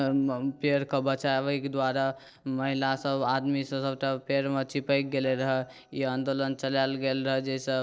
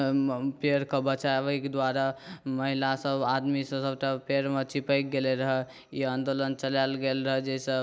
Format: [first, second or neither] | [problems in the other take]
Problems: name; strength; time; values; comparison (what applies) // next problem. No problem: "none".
second | noise reduction (neural separator model SepFormer DNS4)